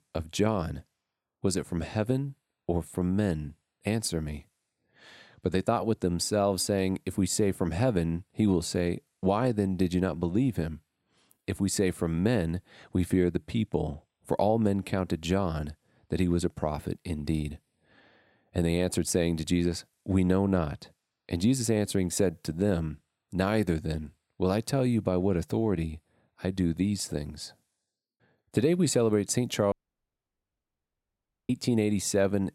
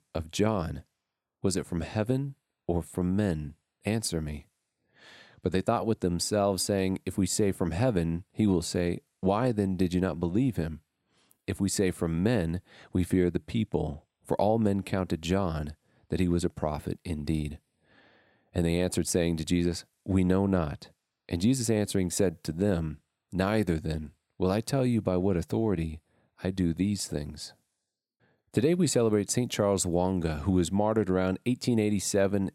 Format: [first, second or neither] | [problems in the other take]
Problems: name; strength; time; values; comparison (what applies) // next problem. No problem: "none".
second | audio cutting out; at 30 s for 2 s